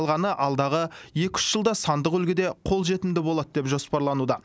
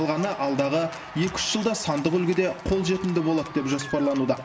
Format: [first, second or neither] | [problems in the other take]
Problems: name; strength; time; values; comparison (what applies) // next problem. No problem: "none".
first | background sound (Applause / Cheering); 15 dB below the speech // room echo; dies away in 1.7 s